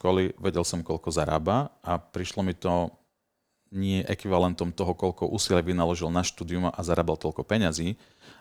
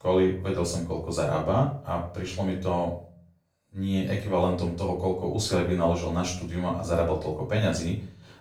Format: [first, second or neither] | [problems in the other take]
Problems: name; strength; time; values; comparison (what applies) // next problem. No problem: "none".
first | off-mic speech; far // room echo; noticeable; dies away in 0.4 s